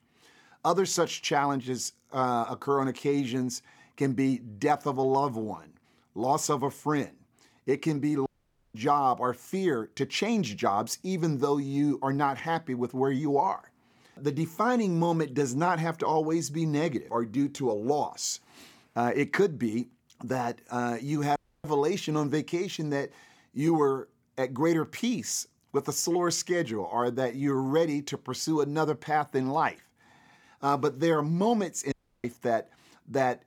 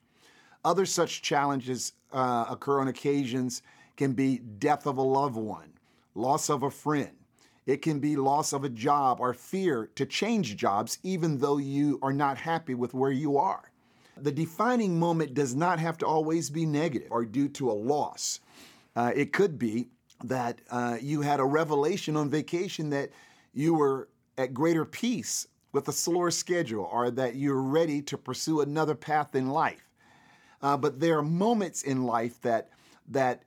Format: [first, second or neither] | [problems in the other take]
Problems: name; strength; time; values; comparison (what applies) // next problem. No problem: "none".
second | audio cutting out; at 8.5 s, at 21 s and at 32 s